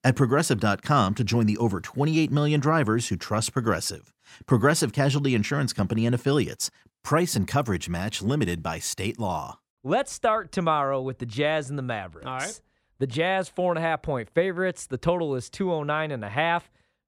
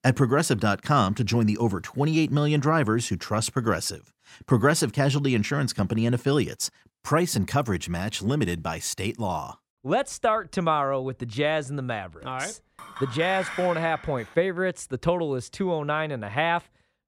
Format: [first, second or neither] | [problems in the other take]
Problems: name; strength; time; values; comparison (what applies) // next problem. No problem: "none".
first | clattering dishes; noticeable; from 13 to 14 s; peak 7 dB below the speech